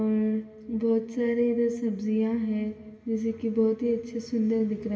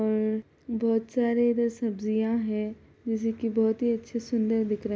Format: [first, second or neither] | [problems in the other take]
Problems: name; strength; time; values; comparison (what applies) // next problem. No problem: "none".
second | room echo; dies away in 2 s